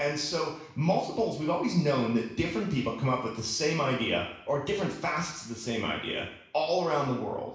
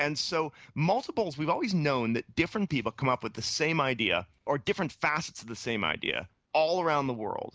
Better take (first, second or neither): second